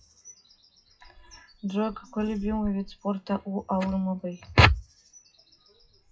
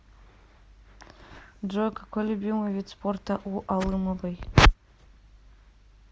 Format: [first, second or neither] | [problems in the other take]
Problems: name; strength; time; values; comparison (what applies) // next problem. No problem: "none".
second | noise reduction (classical method WPE with log-MMSE)